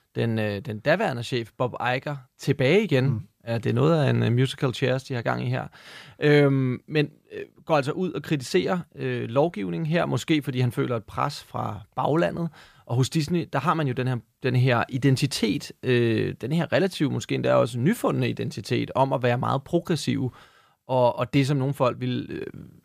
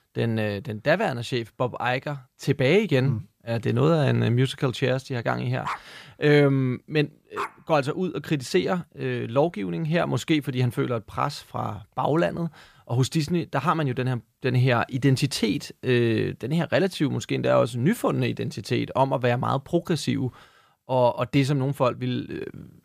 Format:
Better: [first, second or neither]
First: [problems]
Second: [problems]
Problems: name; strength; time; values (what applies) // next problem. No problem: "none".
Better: first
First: none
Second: dog barking; noticeable; from 5.5 to 7.5 s; peak 9 dB below the speech